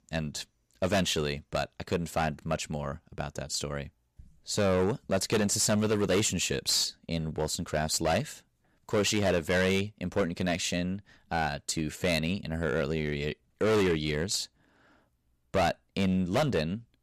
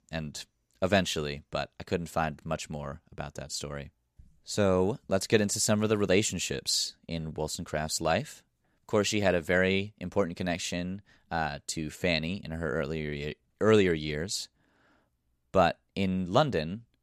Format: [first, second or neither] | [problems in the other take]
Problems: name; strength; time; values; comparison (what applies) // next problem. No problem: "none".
second | distortion; heavy; 8% of the sound clipped